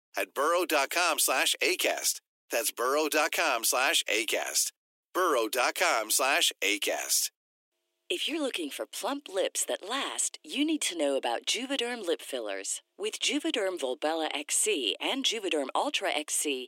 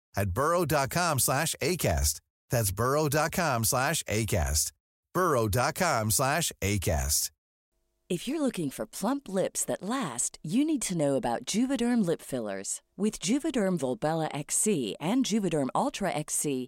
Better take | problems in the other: second | thin; somewhat; fading below 300 Hz

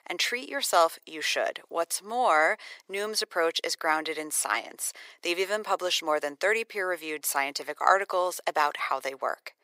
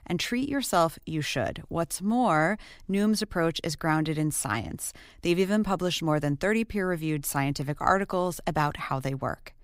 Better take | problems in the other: second | thin; very; fading below 450 Hz

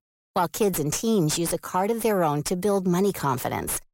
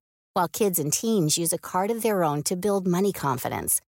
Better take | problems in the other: second | distortion; slight; 10 dB below the speech

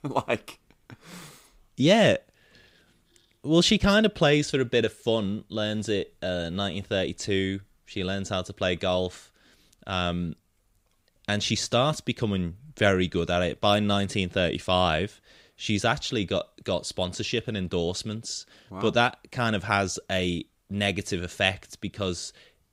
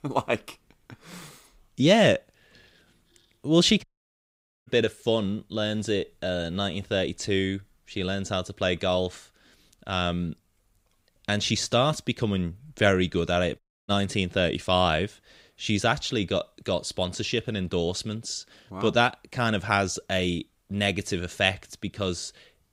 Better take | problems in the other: first | audio cutting out; at 4 s for 1 s and at 14 s

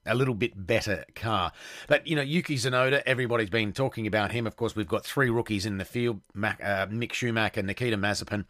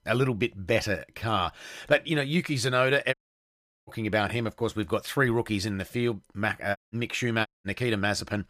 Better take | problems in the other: first | audio cutting out; at 3 s for 0.5 s, at 7 s and at 7.5 s

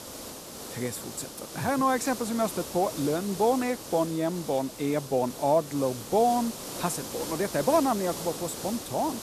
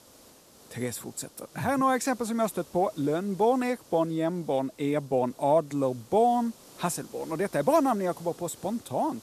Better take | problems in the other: second | hiss; loud; throughout; 9 dB below the speech; faint in the second

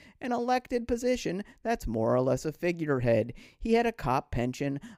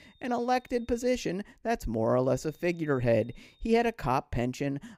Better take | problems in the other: first | high-pitched whine; faint; until 1.5 s and from 2.5 to 4 s; 3.5 kHz, 35 dB below the speech

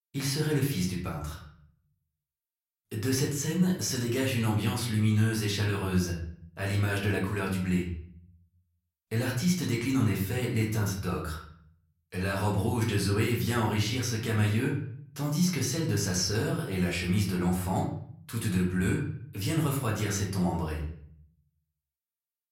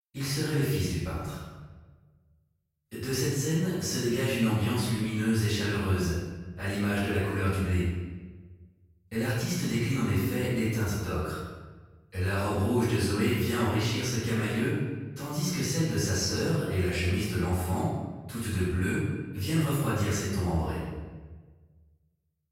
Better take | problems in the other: first | room echo; strong; dies away in 1.2 s; slight in the first // off-mic speech; far; far in the first

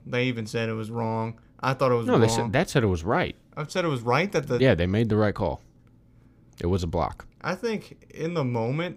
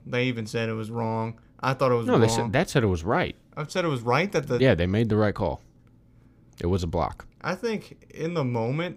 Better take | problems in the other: neither | none

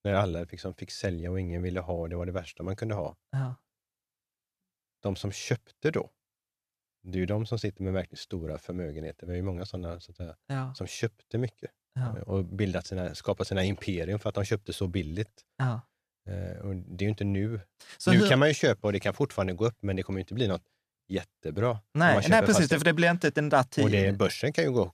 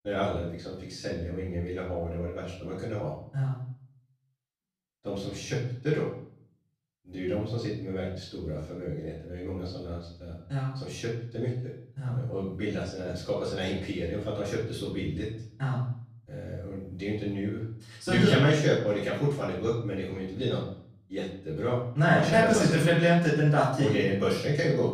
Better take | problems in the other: first | room echo; noticeable; dies away in 0.6 s // off-mic speech; far

